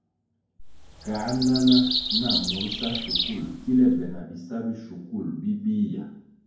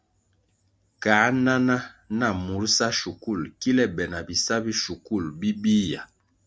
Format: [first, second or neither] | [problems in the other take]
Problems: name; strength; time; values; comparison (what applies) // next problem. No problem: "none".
second | background sound (Bird vocalization, bird call, bird song); 4 dB below the speech // room echo; dies away in 0.9 s